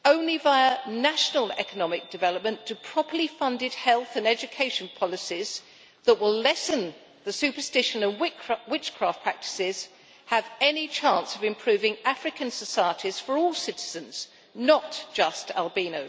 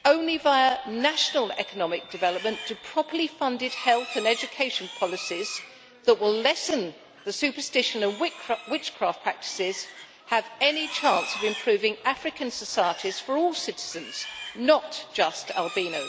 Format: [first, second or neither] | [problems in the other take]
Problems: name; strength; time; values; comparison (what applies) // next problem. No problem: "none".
first | background sound (Livestock, farm animals, working animals); 15 dB below the speech